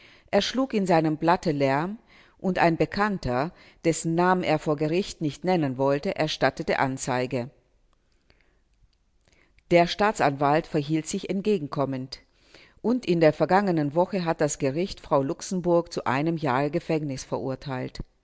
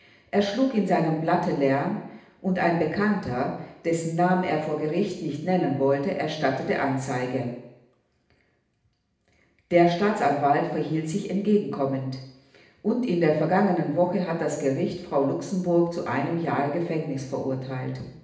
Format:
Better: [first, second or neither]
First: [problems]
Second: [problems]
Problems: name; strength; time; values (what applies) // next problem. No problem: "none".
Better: first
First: none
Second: room echo; dies away in 0.8 s